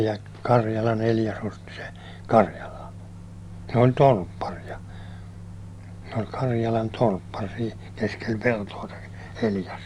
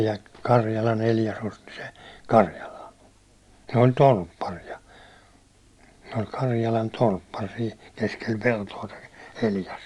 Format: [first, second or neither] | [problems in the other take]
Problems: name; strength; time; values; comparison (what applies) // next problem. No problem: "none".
second | background sound (Microwave oven); 14 dB below the speech